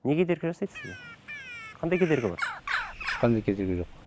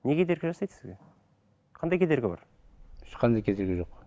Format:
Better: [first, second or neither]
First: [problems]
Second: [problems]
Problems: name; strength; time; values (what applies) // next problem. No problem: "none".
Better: second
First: background sound (Bird); 8 dB below the speech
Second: none